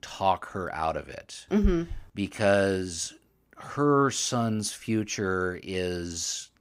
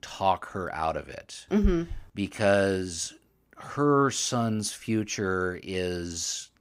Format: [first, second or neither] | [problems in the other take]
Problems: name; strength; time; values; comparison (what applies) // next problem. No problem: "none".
neither | none